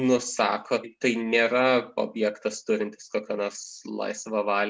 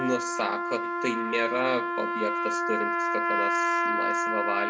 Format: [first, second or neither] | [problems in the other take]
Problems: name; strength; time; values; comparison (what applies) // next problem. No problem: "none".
first | background sound (Trumpet); 4 dB above the speech